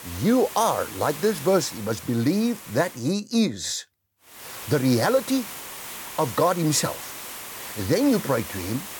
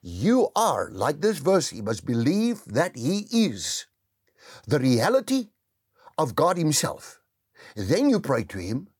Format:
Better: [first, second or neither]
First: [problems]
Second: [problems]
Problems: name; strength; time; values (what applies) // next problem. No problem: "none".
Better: second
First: hiss; noticeable; until 3 s and from 4.5 s on; 10 dB below the speech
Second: none